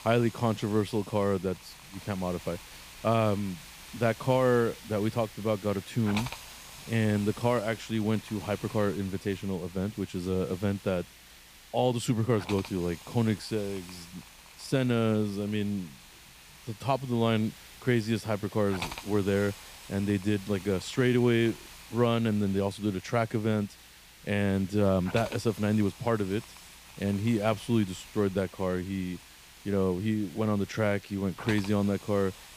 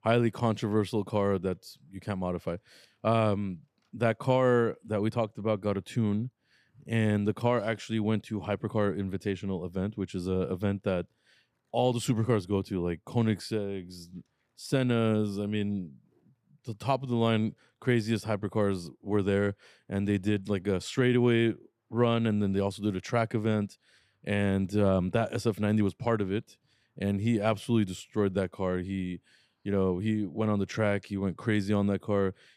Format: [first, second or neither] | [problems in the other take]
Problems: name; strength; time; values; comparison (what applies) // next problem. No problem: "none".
second | hiss; noticeable; throughout; 15 dB below the speech